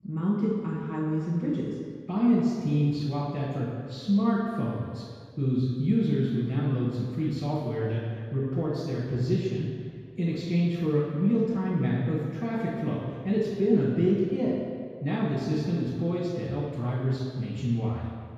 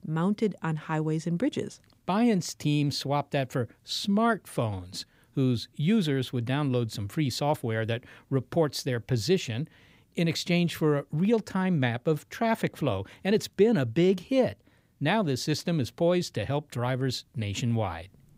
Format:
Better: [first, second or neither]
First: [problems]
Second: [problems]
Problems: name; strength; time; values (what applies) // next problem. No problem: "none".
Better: second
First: room echo; strong; dies away in 2 s // off-mic speech; far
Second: none